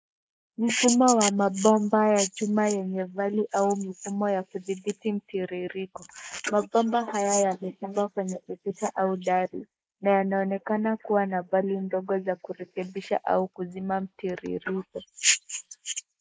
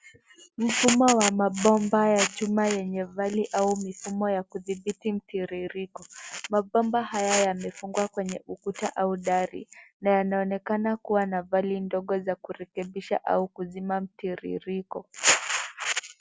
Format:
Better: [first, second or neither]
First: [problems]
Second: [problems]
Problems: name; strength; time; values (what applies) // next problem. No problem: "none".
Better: second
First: noise reduction (neural mask model Resemble Enhance denoiser)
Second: none